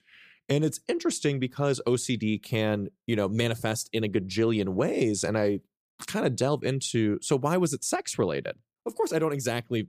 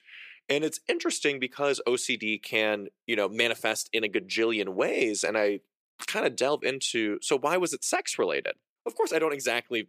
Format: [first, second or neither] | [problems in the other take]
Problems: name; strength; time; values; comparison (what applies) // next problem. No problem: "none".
first | thin; somewhat; fading below 400 Hz